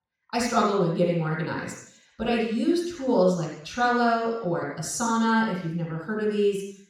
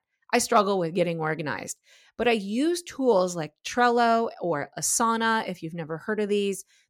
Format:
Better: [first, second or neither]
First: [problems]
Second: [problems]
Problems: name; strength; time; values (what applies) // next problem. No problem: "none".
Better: second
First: room echo; noticeable; dies away in 0.7 s // off-mic speech; far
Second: none